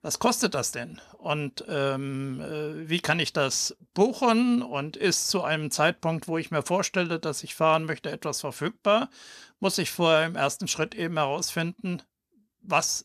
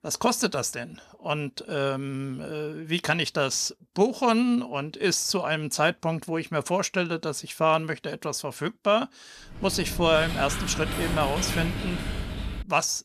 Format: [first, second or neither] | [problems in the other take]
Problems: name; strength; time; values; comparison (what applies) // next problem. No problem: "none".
first | keyboard typing; noticeable; from 9.5 s on; peak 3 dB below the speech